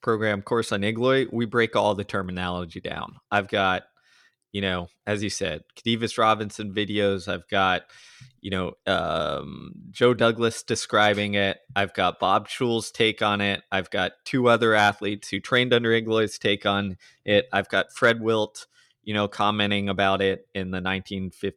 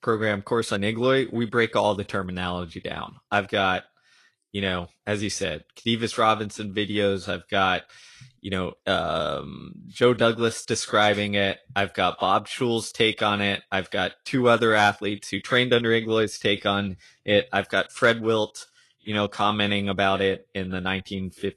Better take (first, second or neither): first